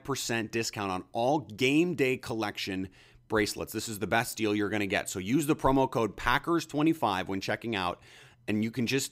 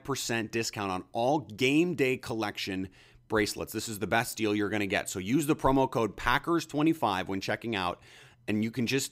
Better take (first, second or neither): neither